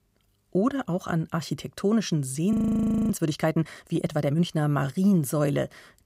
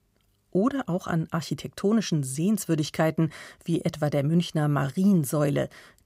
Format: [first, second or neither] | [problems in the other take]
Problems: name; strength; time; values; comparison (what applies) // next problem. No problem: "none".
second | audio freezing; at 2.5 s for 0.5 s